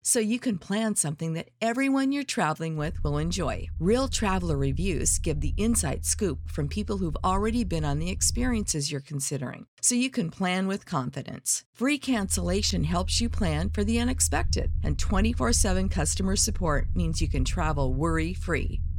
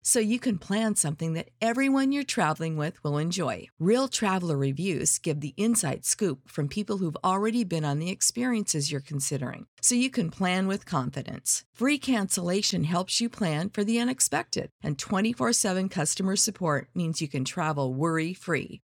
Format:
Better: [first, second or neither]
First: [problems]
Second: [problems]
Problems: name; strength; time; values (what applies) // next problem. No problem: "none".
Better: second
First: low rumble; faint; from 3 to 8.5 s and from 12 s on; 20 dB below the speech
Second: none